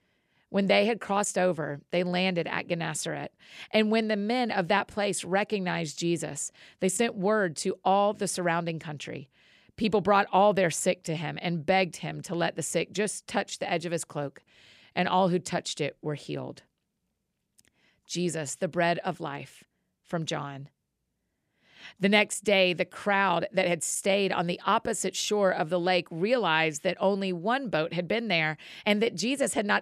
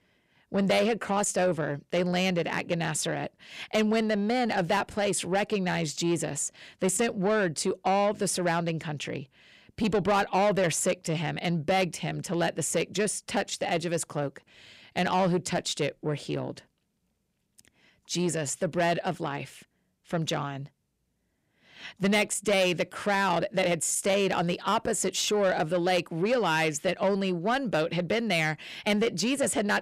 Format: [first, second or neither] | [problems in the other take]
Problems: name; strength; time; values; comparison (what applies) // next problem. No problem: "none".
first | distortion; slight; 10 dB below the speech